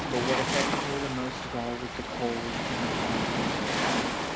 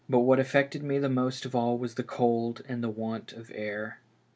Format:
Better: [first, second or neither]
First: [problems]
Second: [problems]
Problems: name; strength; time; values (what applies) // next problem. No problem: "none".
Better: second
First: background sound (Waves, surf); 5 dB above the speech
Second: none